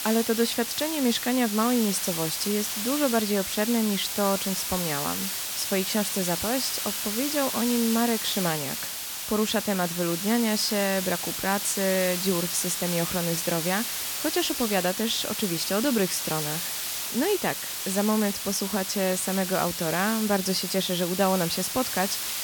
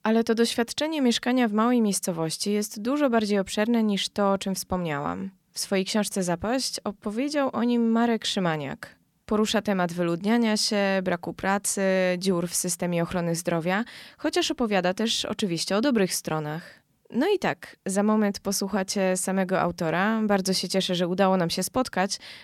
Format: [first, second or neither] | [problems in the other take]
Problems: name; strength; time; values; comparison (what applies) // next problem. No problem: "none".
second | hiss; loud; throughout; 2 dB below the speech